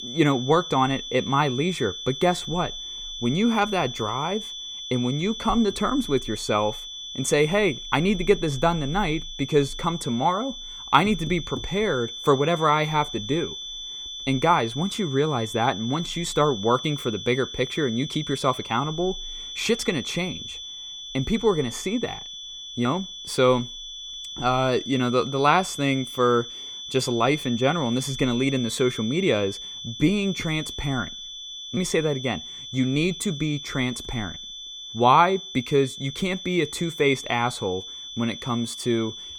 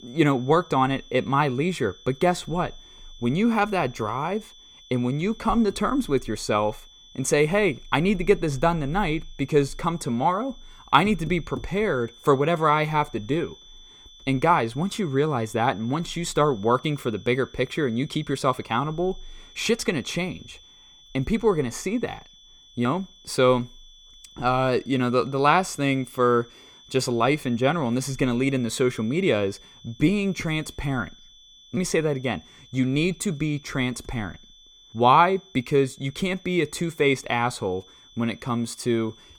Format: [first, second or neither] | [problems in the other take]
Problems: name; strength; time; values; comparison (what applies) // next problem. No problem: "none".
second | high-pitched whine; loud; throughout; 3.5 kHz, 9 dB below the speech; faint in the second